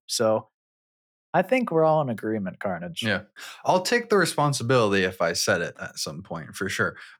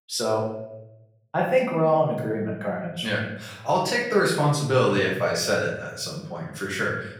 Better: first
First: none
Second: room echo; noticeable; dies away in 0.7 s // off-mic speech; far

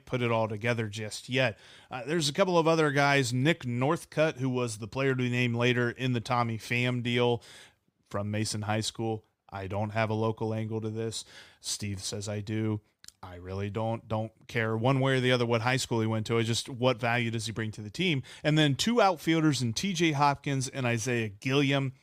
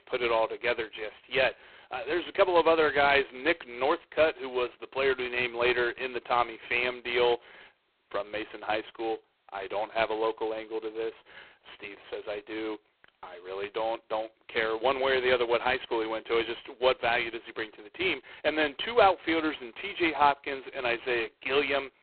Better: first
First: none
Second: phone-call audio; poor line; nothing above 4 kHz

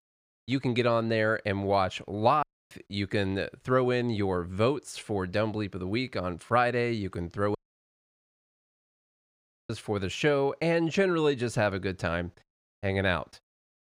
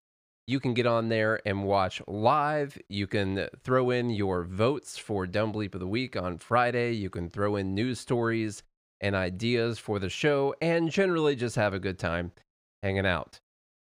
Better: second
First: audio cutting out; at 2.5 s and at 7.5 s for 2 s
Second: none

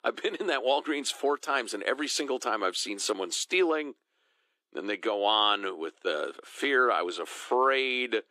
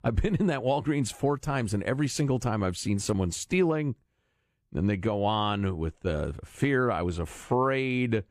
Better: second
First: thin; very; fading below 300 Hz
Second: none

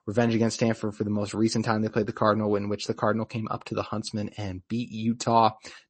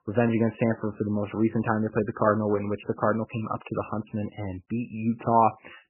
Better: first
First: garbled, watery; slightly; nothing above 8 kHz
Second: garbled, watery; badly; nothing above 3 kHz

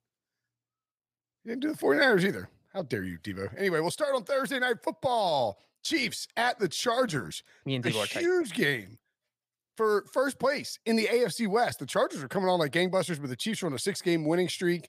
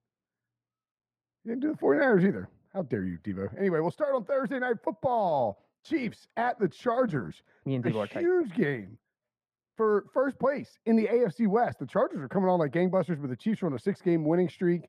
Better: first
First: none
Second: muffled; very; fading above 2.5 kHz

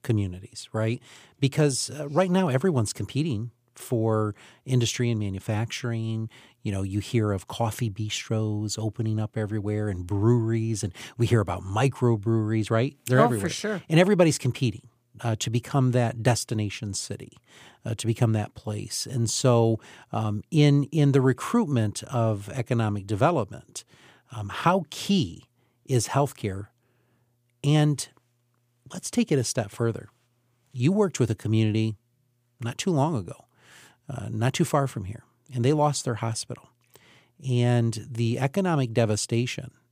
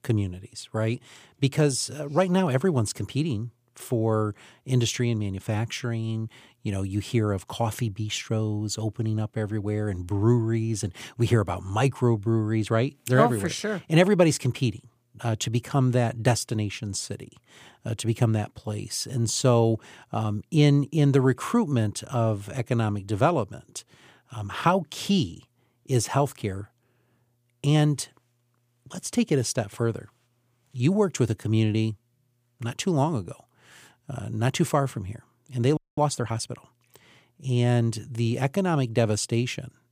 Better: first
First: none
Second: audio freezing; at 36 s

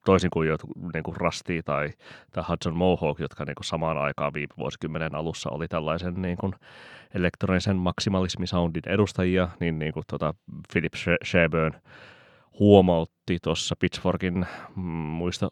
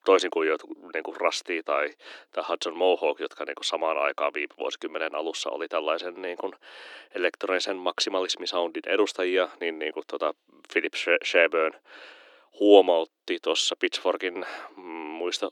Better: first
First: none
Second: thin; very; fading below 300 Hz

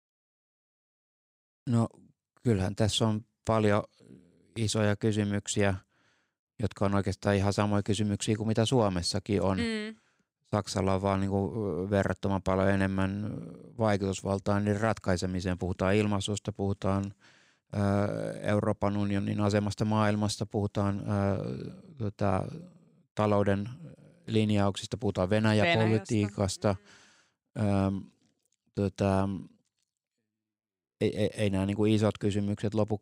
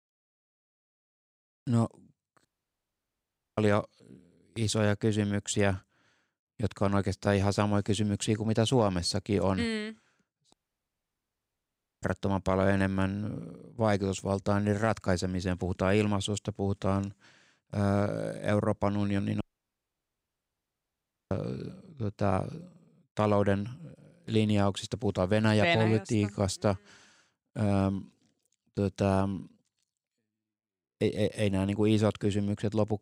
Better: first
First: none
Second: audio cutting out; at 2.5 s for 1 s, at 11 s for 1.5 s and at 19 s for 2 s

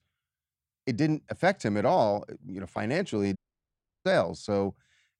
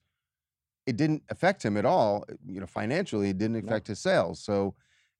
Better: second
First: audio cutting out; at 3.5 s for 0.5 s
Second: none

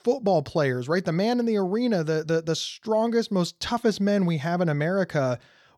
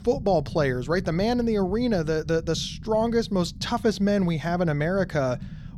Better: first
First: none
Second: low rumble; faint; throughout; 25 dB below the speech

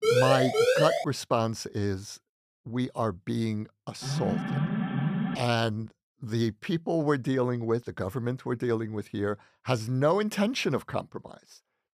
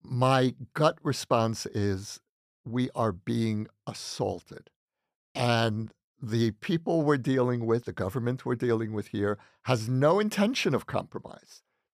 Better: second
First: siren; loud; until 1 s; peak 6 dB above the speech // alarm; loud; from 4 to 5.5 s; peak level with the speech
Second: none

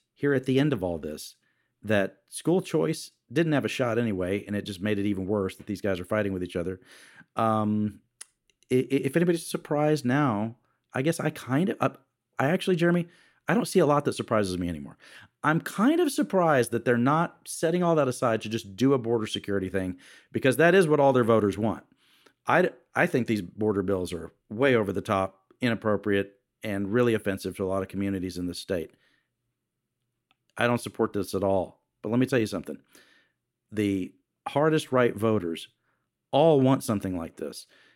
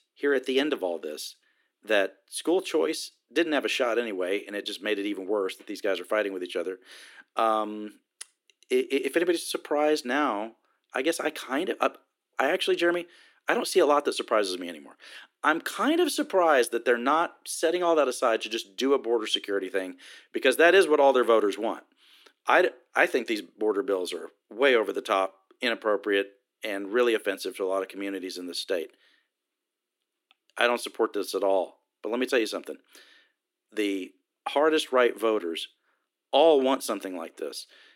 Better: first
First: none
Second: thin; somewhat; fading below 300 Hz

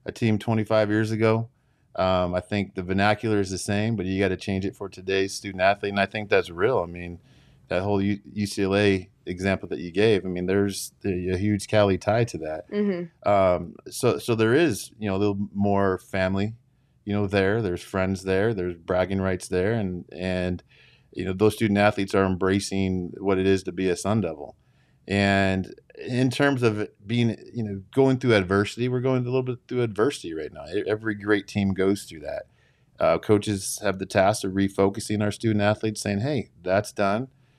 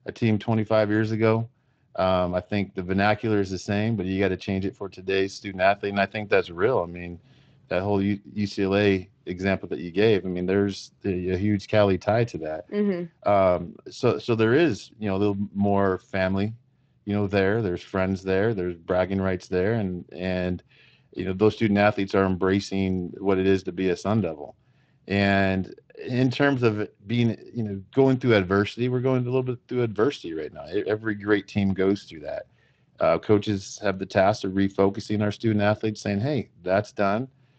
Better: first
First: none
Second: garbled, watery; slightly

